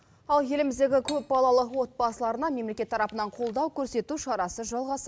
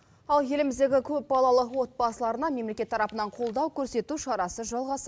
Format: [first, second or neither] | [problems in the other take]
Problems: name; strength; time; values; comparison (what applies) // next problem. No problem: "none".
second | background sound (Cutlery, silverware); 14 dB below the speech